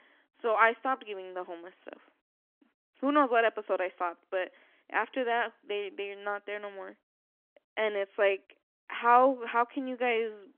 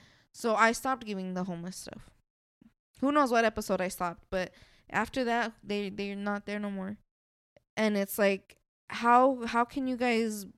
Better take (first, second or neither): second